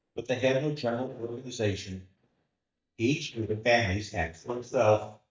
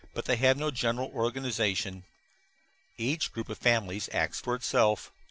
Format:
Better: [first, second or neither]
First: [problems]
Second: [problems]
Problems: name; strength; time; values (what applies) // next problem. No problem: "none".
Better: second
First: noise reduction (neural mask model DeepFilterNet 3)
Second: none